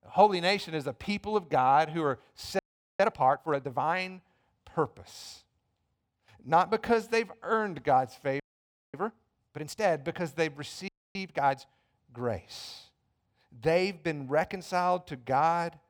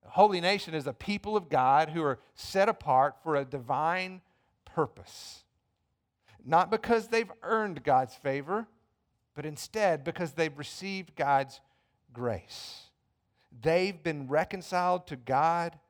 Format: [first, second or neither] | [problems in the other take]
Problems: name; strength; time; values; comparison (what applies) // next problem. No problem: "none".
second | audio freezing; at 2.5 s, at 8.5 s for 0.5 s and at 11 s